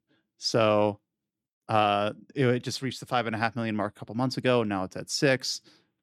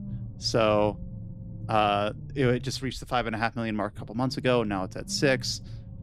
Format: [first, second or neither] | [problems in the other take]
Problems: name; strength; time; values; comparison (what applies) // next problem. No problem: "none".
first | low rumble; faint; throughout; 25 dB below the speech